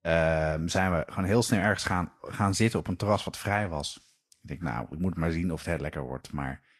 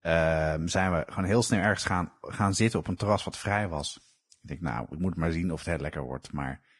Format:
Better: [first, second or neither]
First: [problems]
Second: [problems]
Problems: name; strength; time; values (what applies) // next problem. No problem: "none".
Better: first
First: garbled, watery; slightly; nothing above 12 kHz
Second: garbled, watery; badly; nothing above 10.5 kHz